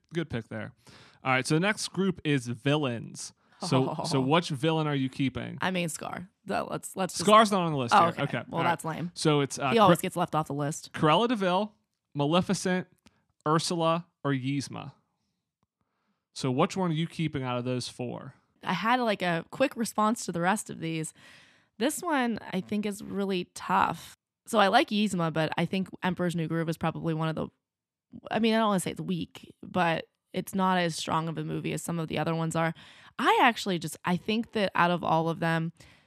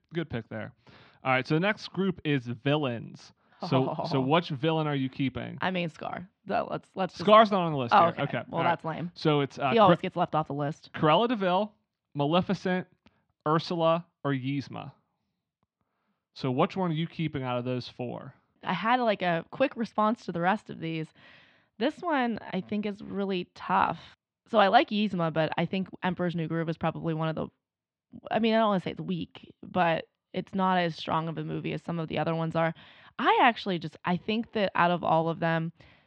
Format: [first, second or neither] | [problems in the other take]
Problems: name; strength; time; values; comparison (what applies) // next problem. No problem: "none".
first | muffled; slightly; fading above 4 kHz